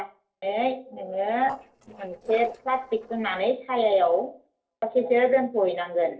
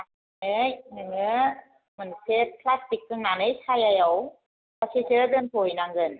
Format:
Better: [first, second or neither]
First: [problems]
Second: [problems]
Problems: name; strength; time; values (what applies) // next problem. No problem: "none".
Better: second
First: noise reduction (neural separator model SepFormer DNS4)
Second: none